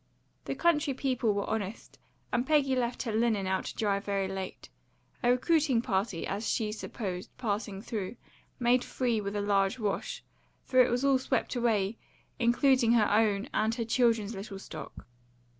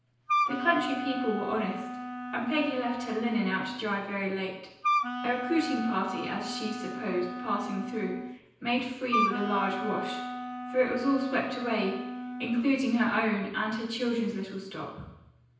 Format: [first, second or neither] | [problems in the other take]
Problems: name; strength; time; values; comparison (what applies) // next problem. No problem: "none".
first | background sound (Wind instrument, woodwind instrument); 3 dB below the speech // room echo; dies away in 0.9 s